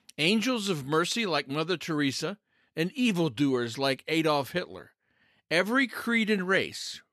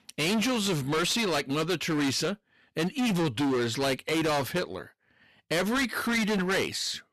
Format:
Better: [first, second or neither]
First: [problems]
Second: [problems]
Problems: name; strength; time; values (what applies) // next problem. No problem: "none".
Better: first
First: none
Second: distortion; heavy; 25% of the sound clipped